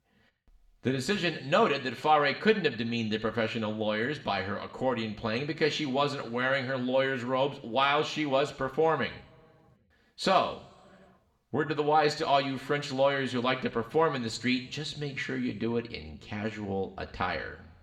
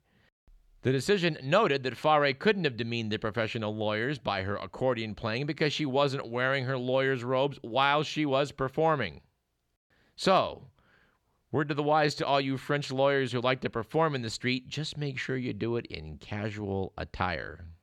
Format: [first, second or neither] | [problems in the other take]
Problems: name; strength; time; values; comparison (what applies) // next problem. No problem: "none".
second | room echo; very slight; dies away in 0.9 s